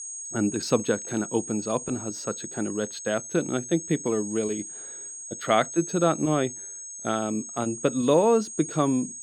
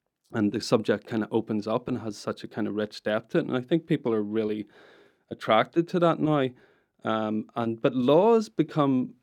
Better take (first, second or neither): second